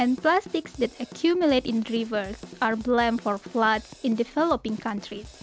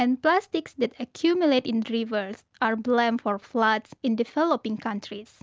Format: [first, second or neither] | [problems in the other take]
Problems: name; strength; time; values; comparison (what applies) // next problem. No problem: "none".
second | background sound (Drum / Drum kit); 19 dB below the speech